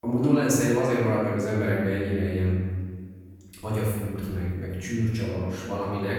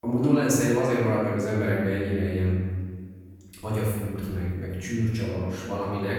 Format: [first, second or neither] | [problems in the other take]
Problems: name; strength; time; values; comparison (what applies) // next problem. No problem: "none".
neither | room echo; strong; dies away in 1.6 s; the same in both // off-mic speech; far; the same in both